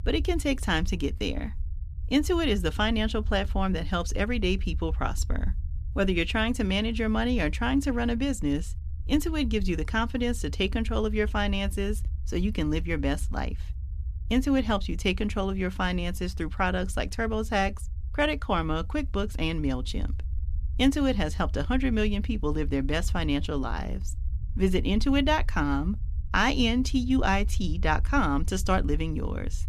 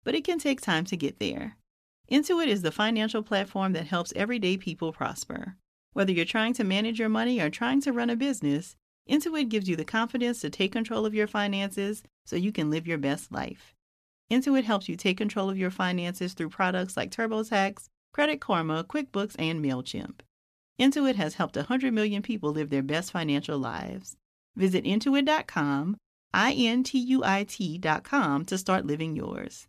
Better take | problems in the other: second | low rumble; faint; throughout; 25 dB below the speech

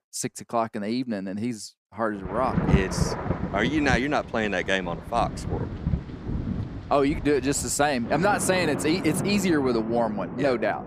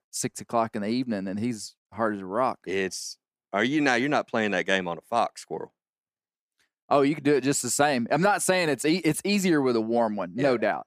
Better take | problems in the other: second | rain or running water; loud; from 2.5 s on; 6 dB below the speech

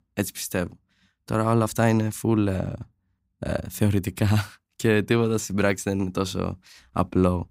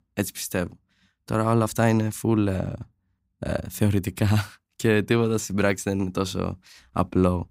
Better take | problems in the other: neither | none

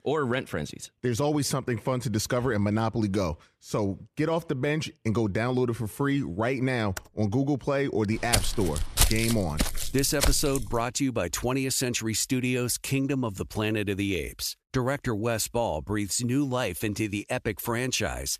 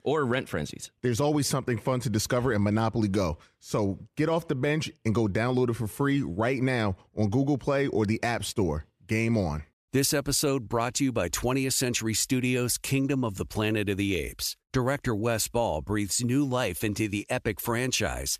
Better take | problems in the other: second | keyboard typing; very faint; at 7 s; peak 15 dB below the speech // footsteps; loud; from 8 to 11 s; peak 4 dB above the speech

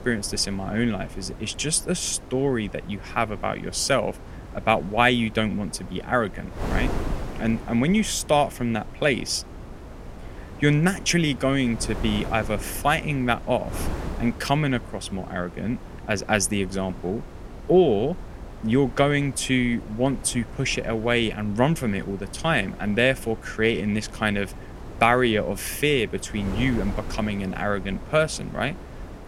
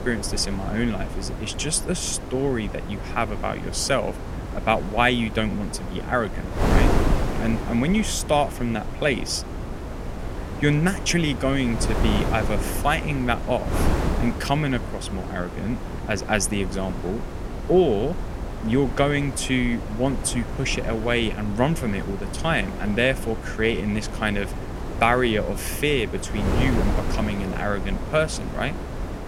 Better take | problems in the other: first | wind noise on the microphone; heavy; 8 dB below the speech; occasional gusts in the first

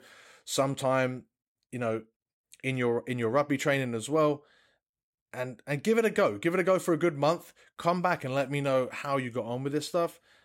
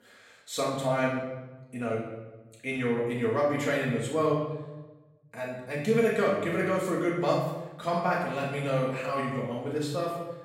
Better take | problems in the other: first | off-mic speech; far // room echo; noticeable; dies away in 1 s

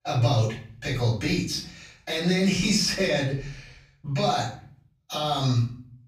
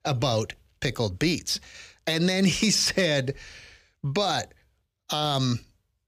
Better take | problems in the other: second | off-mic speech; far // room echo; noticeable; dies away in 0.5 s

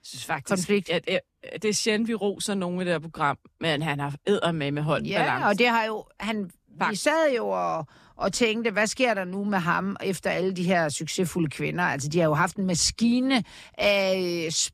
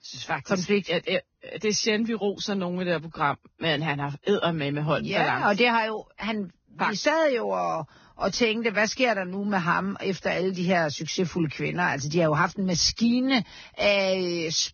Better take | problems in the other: first | garbled, watery; badly; nothing above 6.5 kHz

